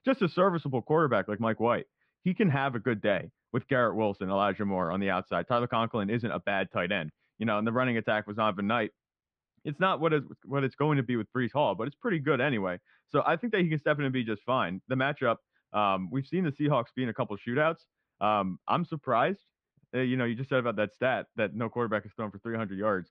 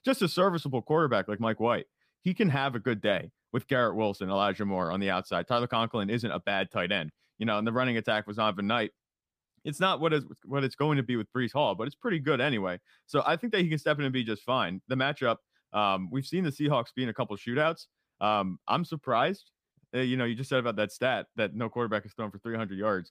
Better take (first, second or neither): second